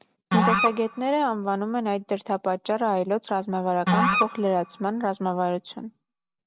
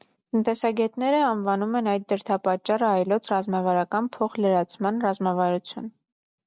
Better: second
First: background sound (Musical instrument); 2 dB below the speech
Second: none

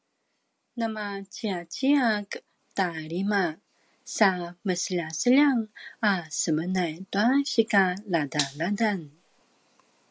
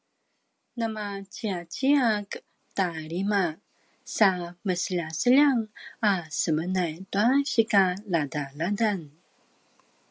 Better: second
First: background sound (Gunshot, gunfire); 11 dB below the speech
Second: none

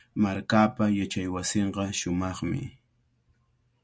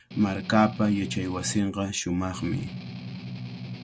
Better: first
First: none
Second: background sound (Strum); 9 dB below the speech

